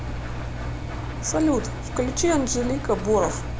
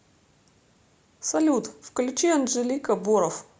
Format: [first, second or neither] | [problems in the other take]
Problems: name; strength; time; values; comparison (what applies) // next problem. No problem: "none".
second | background sound (Engine); 4 dB below the speech